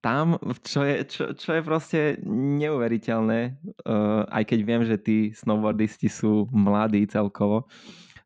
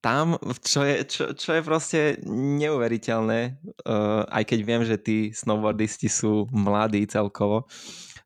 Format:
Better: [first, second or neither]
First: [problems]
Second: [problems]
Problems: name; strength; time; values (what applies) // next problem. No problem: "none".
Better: second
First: muffled; slightly; fading above 3 kHz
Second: none